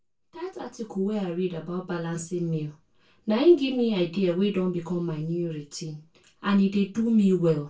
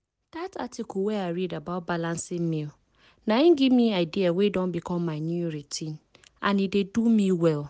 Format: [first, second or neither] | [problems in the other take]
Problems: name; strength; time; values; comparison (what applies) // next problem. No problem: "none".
second | room echo; dies away in 0.2 s